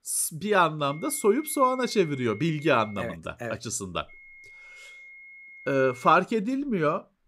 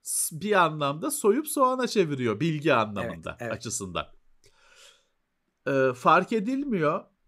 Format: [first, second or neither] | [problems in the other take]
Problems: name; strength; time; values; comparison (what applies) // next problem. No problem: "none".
second | high-pitched whine; noticeable; from 1 to 3 s and from 4 to 6 s; 2 kHz, 20 dB below the speech